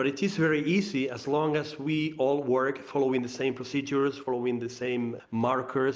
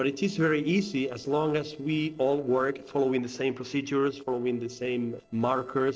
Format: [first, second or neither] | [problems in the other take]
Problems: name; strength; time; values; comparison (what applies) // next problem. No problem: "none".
first | noise reduction (neural separator model SepFormer DNS4)